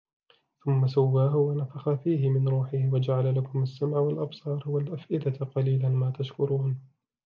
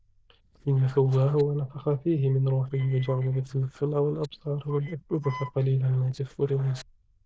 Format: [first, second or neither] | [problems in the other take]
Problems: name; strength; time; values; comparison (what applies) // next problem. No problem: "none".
first | noise reduction (neural diffusion model UNIVERSE++)